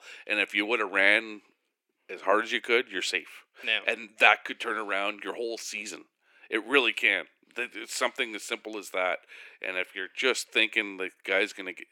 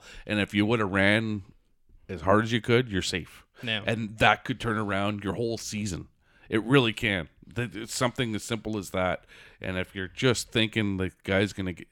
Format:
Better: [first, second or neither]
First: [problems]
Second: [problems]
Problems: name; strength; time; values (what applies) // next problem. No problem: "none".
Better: second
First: thin; somewhat; fading below 350 Hz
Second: none